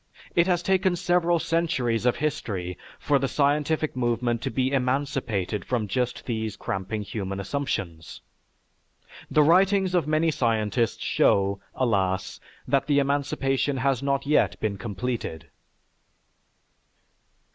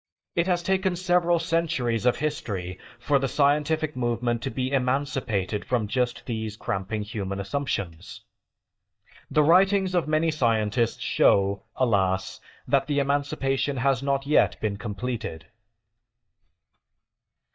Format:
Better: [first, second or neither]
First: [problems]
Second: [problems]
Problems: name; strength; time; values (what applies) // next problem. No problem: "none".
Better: first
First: none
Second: noise reduction (neural mask model DeepFilterNet 3)